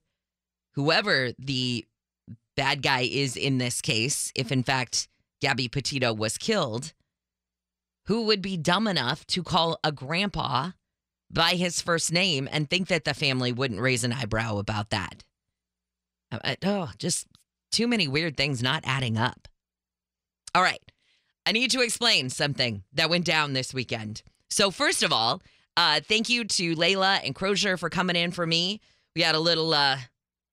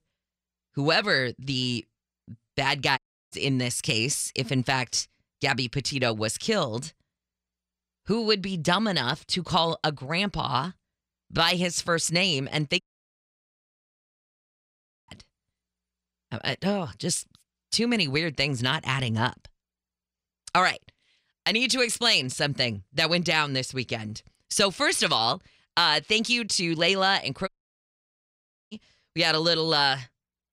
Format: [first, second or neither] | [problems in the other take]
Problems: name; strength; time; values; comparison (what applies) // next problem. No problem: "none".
first | audio cutting out; at 3 s, at 13 s for 2.5 s and at 27 s for 1 s